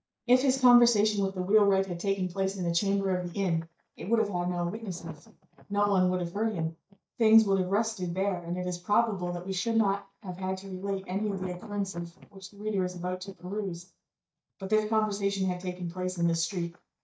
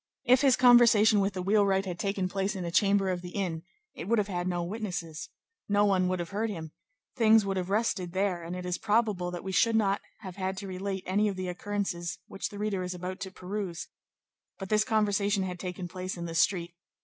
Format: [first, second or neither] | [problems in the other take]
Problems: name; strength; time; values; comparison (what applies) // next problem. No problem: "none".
second | noise reduction (neural mask model DeepFilterNet 3)